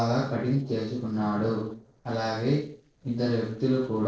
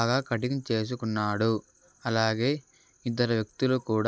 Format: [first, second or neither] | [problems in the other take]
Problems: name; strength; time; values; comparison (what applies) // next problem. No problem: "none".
second | noise reduction (neural separator model SepFormer DNS4)